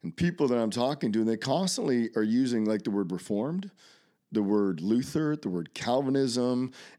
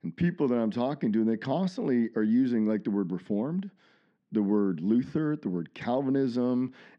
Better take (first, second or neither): first